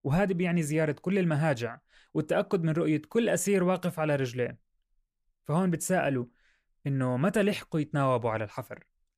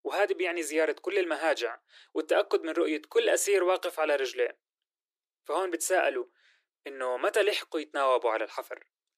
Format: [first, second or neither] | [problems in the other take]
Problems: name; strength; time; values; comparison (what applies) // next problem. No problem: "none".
first | thin; very; fading below 350 Hz